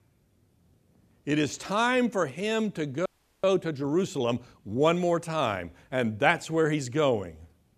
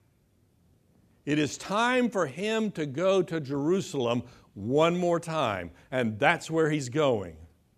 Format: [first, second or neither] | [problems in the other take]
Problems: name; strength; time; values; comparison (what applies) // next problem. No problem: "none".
second | audio freezing; at 3 s